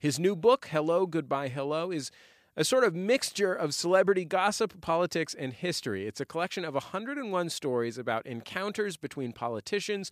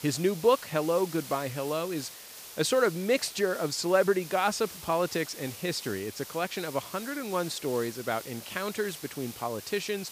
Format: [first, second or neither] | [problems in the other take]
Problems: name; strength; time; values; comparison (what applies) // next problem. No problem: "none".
first | hiss; noticeable; throughout; 15 dB below the speech